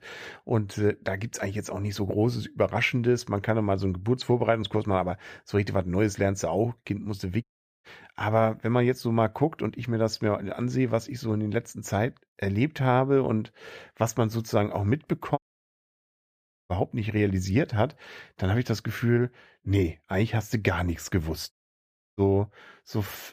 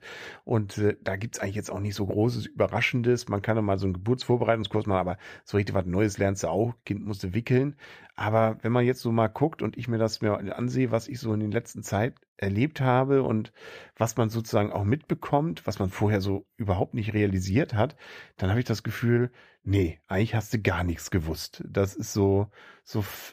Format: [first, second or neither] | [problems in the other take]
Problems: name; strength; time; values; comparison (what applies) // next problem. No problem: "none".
second | audio cutting out; at 7.5 s, at 15 s for 1.5 s and at 22 s for 0.5 s